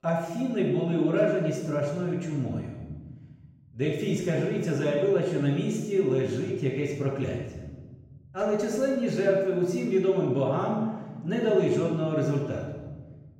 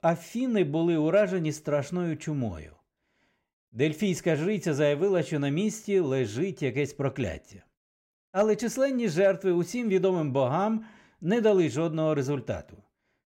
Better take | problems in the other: second | off-mic speech; far // room echo; noticeable; dies away in 1.3 s

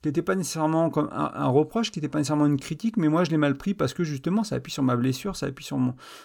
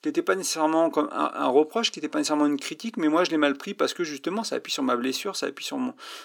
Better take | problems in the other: first | thin; very slightly; fading below 300 Hz

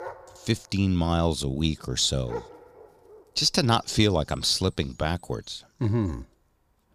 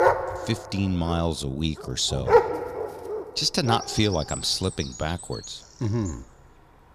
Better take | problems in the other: first | animal sounds; loud; throughout; 2 dB below the speech; faint in the first

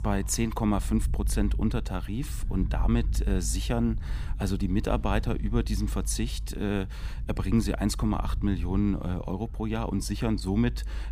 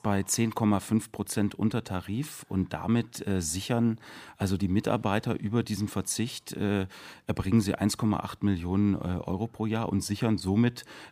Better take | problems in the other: second | low rumble; noticeable; throughout; 20 dB below the speech

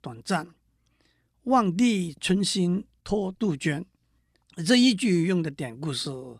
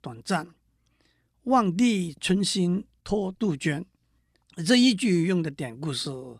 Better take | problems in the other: neither | none

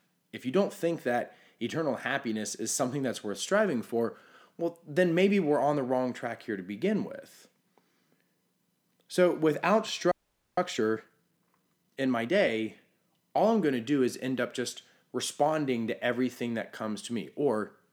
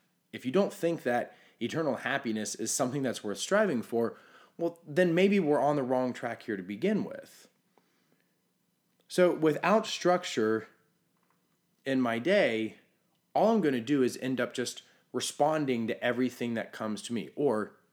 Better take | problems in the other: second | audio freezing; at 10 s

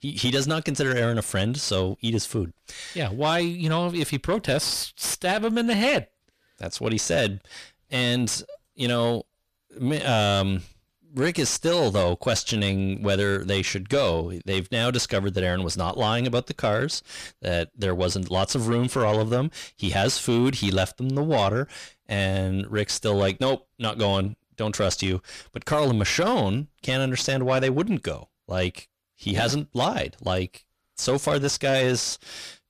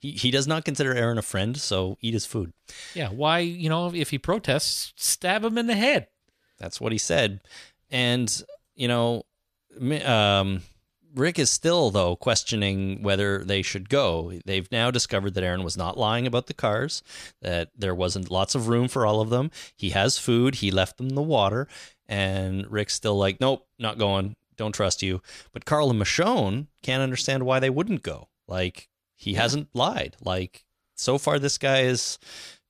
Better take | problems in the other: second | distortion; slight; 10 dB below the speech

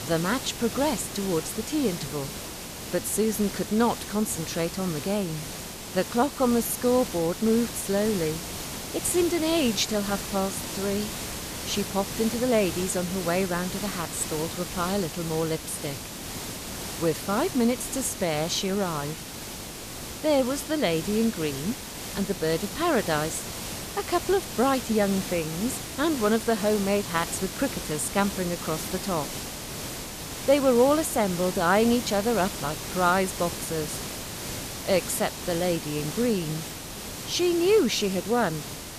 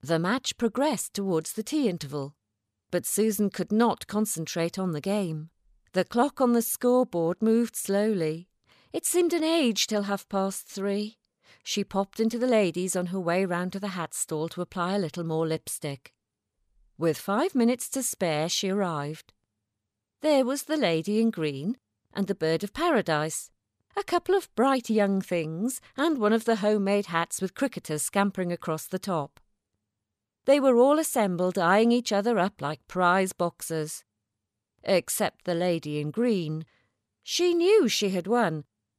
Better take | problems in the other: second | hiss; loud; throughout; 7 dB below the speech

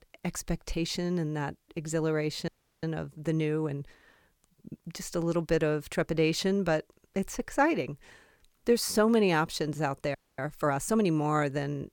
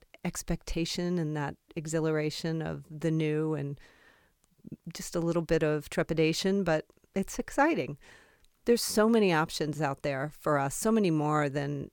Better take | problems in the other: second | audio freezing; at 2.5 s and at 10 s

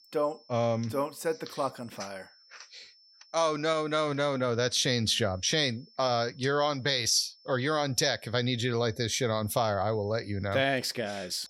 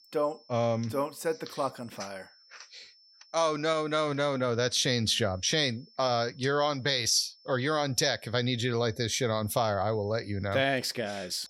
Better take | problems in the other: neither | high-pitched whine; faint; throughout; 5.5 kHz, 30 dB below the speech; the same in both

